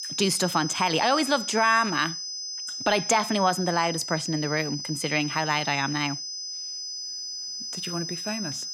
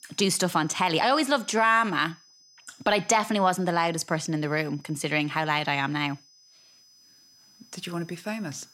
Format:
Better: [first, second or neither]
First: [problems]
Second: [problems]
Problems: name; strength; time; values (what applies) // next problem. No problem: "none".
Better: second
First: high-pitched whine; loud; throughout; 5 kHz, 6 dB below the speech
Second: high-pitched whine; faint; throughout; 5 kHz, 30 dB below the speech